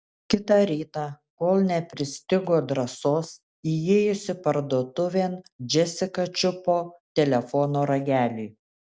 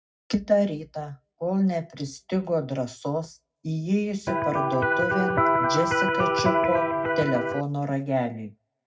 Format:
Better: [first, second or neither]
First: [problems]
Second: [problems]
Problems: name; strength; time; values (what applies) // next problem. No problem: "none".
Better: first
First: none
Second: background sound (Electric guitar); 4 dB above the speech // room echo; dies away in 0.3 s